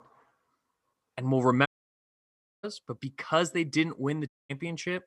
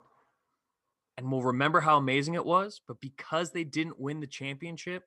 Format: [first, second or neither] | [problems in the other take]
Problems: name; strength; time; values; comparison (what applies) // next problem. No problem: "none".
second | audio cutting out; at 1.5 s for 1 s and at 4.5 s